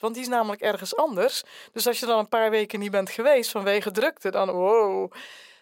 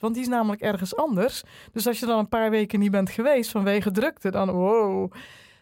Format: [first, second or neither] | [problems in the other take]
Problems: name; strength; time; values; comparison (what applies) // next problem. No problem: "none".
second | thin; somewhat; fading below 450 Hz